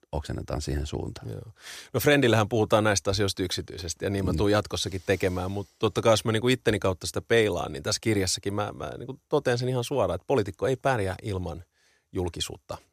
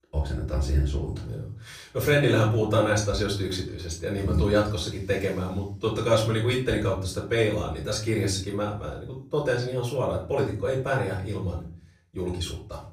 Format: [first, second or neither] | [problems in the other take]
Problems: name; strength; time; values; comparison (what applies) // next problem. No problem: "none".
first | off-mic speech; far // room echo; slight; dies away in 0.4 s